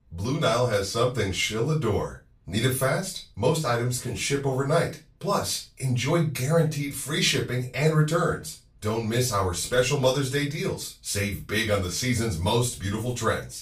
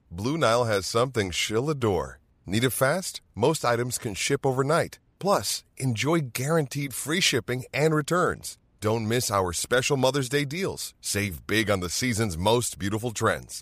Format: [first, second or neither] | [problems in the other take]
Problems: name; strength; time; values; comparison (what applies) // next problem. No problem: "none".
second | off-mic speech; far // room echo; very slight; dies away in 0.2 s